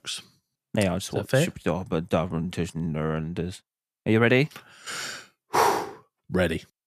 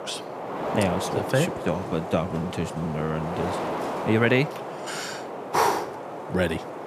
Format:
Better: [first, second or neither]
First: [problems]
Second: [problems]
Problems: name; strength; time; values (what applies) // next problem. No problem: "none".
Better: first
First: none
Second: wind noise on the microphone; heavy; 4 dB below the speech